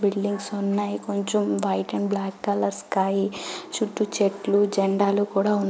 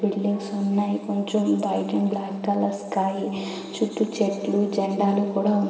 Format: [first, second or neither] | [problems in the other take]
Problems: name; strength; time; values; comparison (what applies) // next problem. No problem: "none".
first | room echo; dies away in 1.8 s